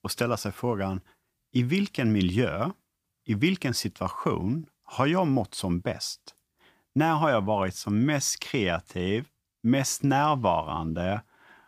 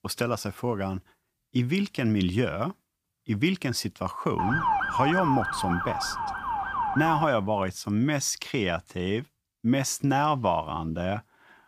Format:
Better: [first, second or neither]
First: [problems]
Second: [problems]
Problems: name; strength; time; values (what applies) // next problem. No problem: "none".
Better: first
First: none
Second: siren; loud; from 4.5 to 7.5 s; peak 2 dB above the speech